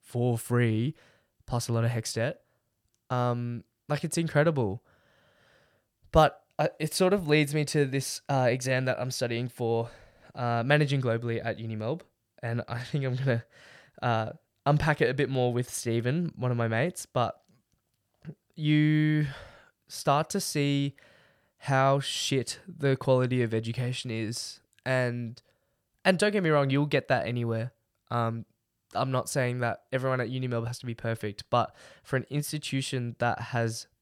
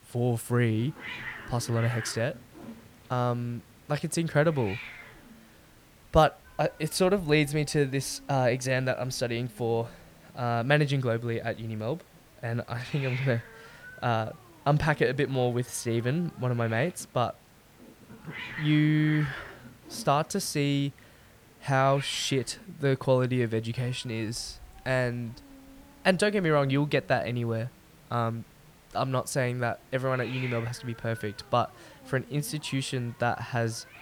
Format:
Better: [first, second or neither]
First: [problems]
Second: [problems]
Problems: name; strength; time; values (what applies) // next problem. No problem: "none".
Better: first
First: none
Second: hiss; noticeable; throughout; 20 dB below the speech